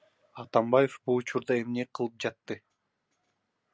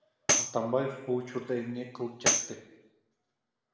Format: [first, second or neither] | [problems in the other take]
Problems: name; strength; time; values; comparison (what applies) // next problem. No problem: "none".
first | background sound (Tambourine); 2 dB above the speech // room echo; dies away in 1 s